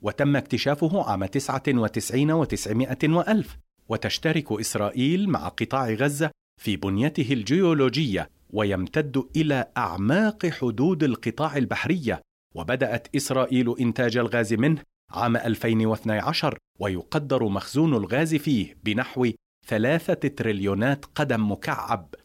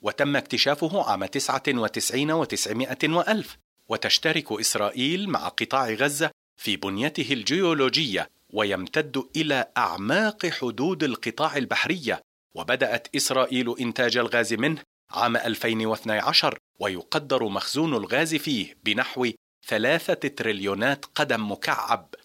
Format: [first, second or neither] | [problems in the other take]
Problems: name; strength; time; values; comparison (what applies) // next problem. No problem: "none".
first | thin; very slightly; fading below 1 kHz